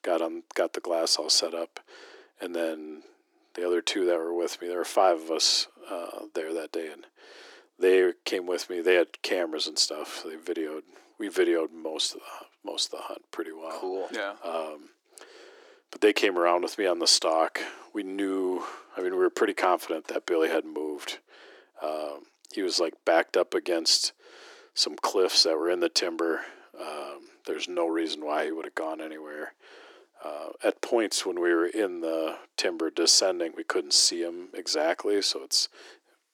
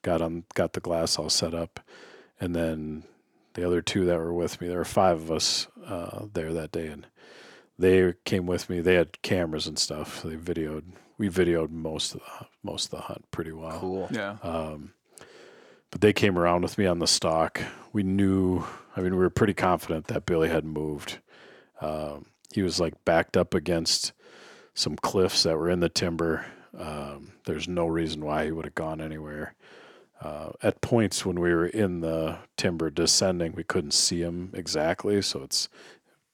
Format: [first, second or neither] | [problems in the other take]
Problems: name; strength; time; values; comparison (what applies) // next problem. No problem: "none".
second | thin; somewhat; fading below 300 Hz